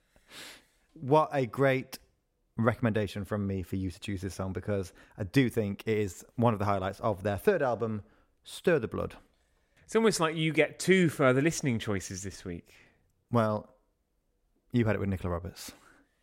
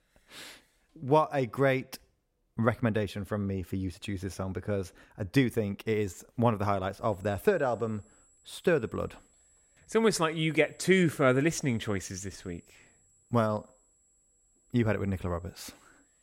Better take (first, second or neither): first